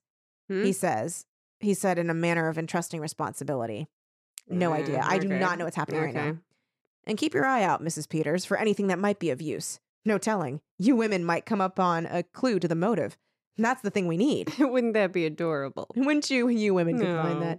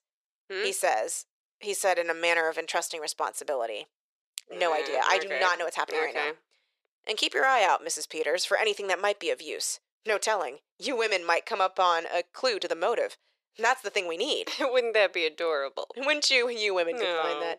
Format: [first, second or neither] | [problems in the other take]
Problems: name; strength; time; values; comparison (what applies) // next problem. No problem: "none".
first | thin; very; fading below 500 Hz